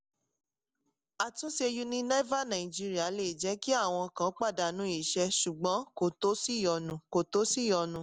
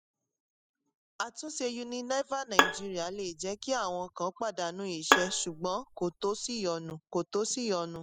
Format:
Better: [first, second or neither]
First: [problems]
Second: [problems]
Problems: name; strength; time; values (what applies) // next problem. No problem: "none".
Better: first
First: none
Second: noise reduction (classical method spectral subtraction)